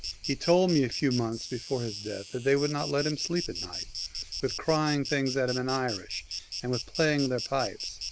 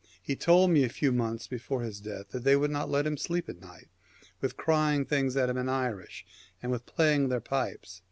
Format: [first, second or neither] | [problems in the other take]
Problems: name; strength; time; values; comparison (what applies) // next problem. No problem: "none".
second | noise reduction (neural mask model Resemble Enhance denoiser)